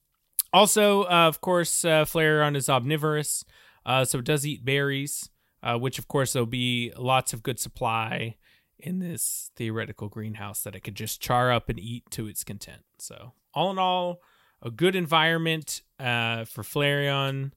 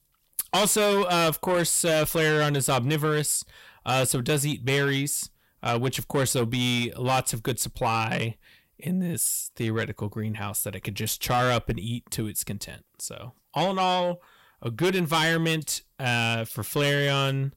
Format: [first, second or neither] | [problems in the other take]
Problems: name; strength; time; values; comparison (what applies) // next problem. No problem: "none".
first | distortion; heavy; 7 dB below the speech